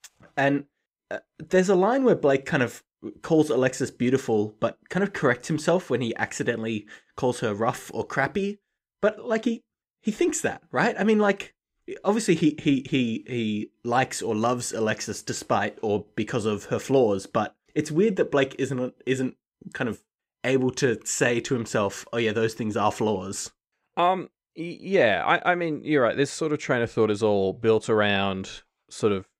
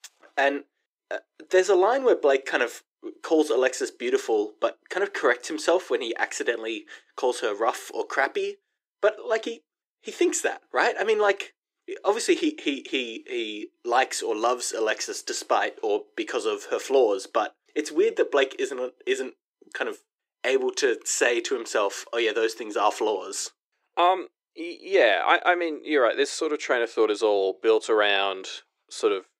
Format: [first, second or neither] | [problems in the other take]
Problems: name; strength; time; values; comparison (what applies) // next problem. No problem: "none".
first | thin; very; fading below 350 Hz